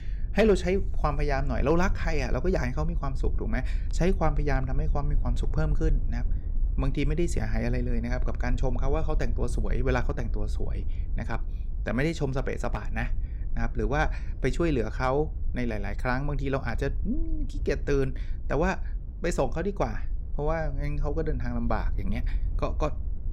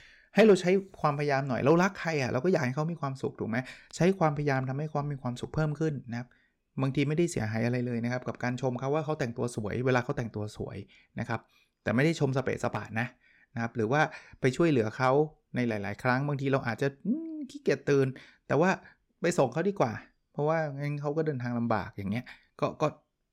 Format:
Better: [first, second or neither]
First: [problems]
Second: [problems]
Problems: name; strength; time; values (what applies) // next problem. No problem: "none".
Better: second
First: wind noise on the microphone; occasional gusts; 20 dB below the speech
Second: none